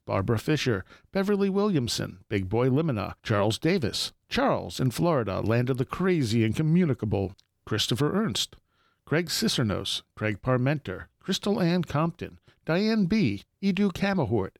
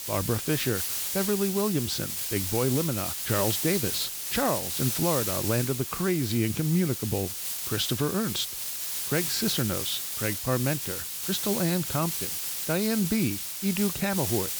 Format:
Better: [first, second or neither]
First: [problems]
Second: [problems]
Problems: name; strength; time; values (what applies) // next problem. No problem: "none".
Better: first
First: none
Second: hiss; loud; throughout; 1 dB below the speech